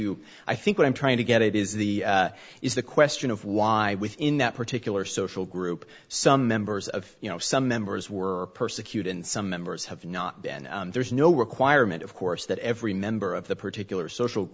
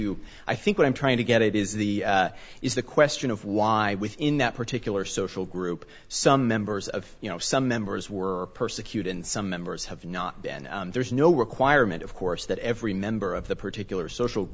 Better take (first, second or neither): first